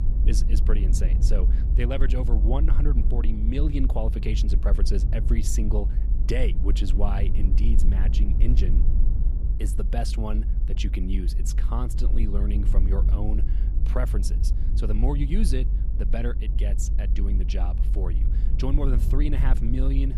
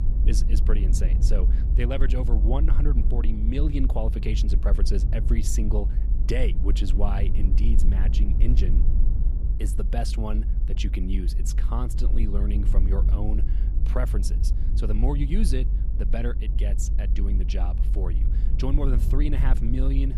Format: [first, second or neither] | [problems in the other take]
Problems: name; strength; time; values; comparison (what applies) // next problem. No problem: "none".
neither | low rumble; loud; throughout; 8 dB below the speech; the same in both